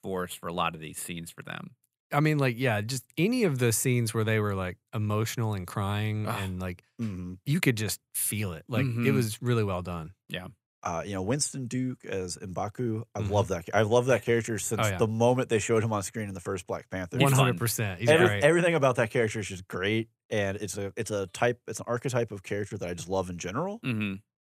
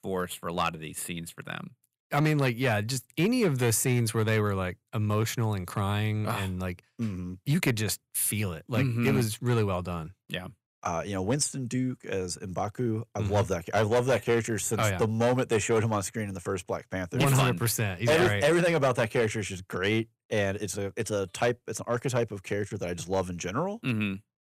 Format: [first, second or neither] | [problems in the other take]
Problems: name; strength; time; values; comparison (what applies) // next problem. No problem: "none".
first | distortion; slight; 3% of the sound clipped